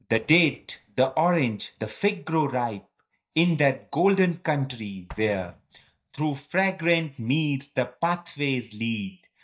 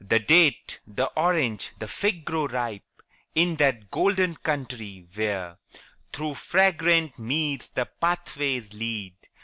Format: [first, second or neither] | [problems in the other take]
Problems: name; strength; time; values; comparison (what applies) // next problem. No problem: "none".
second | noise reduction (neural mask model DeepFilterNet 3)